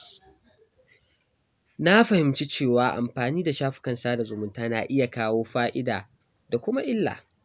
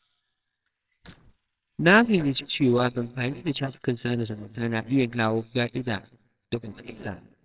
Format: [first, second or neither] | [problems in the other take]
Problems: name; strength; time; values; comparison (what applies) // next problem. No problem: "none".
first | noise reduction (neural separator model SepFormer WHAMR!)